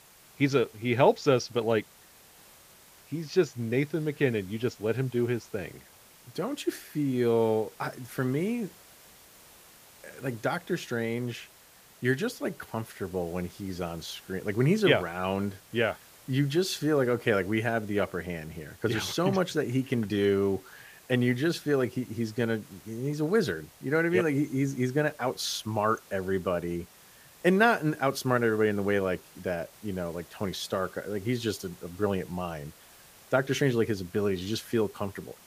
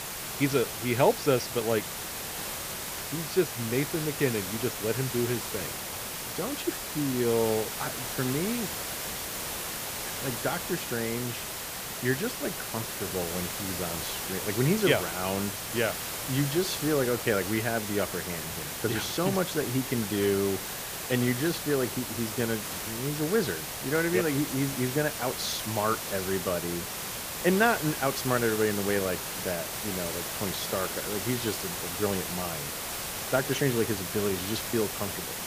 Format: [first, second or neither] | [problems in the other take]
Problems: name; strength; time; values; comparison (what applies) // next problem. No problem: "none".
first | hiss; loud; throughout; 3 dB below the speech; faint in the first